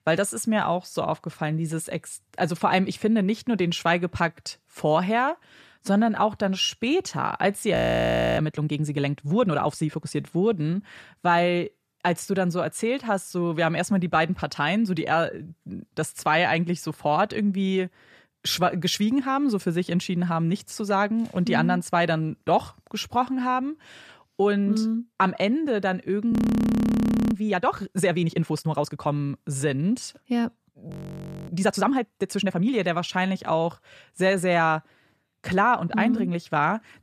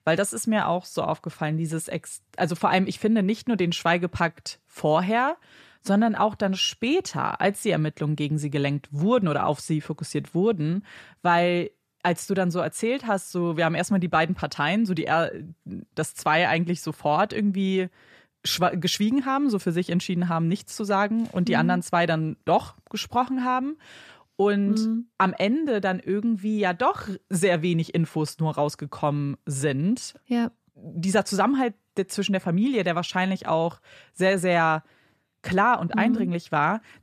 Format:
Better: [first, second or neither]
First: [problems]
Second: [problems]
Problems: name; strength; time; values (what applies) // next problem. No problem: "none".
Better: second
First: audio freezing; at 7.5 s for 0.5 s, at 26 s for 1 s and at 31 s for 0.5 s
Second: none